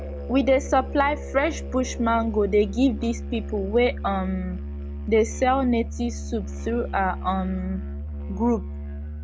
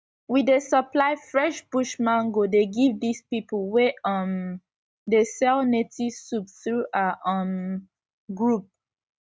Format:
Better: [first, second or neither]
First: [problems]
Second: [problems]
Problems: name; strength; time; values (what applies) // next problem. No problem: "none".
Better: second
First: background sound (Musical instrument); 7 dB below the speech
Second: none